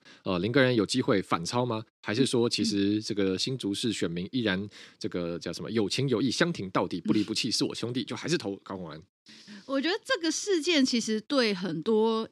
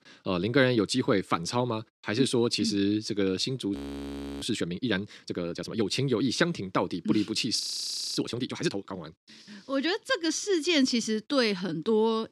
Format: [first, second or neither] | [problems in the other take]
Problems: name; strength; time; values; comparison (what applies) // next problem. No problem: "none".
first | audio freezing; at 3.5 s for 0.5 s and at 7.5 s for 0.5 s